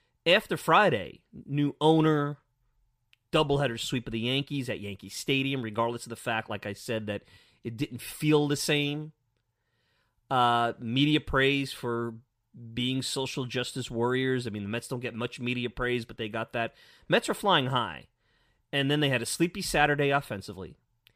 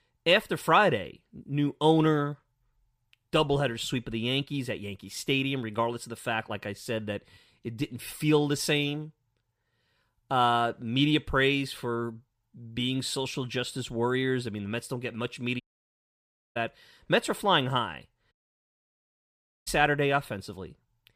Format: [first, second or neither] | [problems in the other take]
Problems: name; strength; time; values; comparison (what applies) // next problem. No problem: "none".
first | audio cutting out; at 16 s for 1 s and at 18 s for 1.5 s